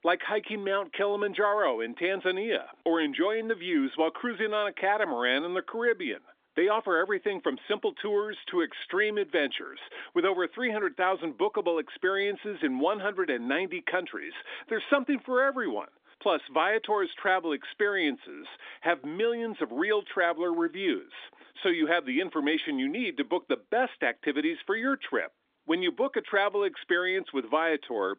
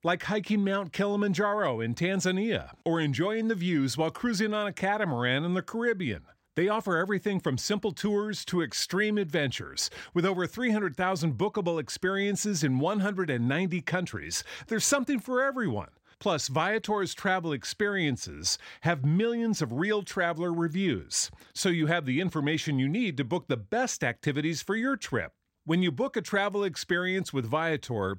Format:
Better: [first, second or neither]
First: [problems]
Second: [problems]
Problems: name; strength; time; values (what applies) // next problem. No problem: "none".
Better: second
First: phone-call audio; nothing above 3.5 kHz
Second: none